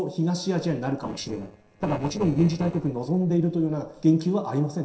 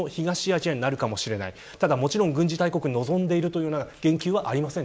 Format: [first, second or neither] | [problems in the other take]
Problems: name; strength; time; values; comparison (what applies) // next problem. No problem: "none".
second | noise reduction (neural separator model SepFormer DNS4)